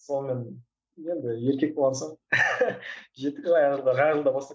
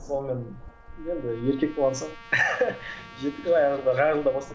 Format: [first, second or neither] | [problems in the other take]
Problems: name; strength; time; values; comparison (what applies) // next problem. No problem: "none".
first | background sound (Trumpet + Thunder); 17 dB below the speech